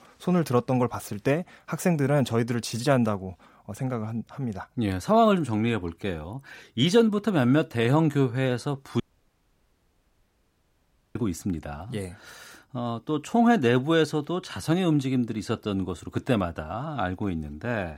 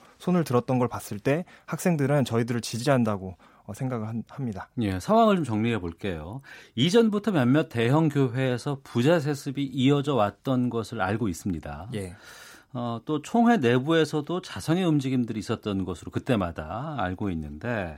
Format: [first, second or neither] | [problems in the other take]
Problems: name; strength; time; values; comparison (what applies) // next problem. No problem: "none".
second | audio cutting out; at 9 s for 2 s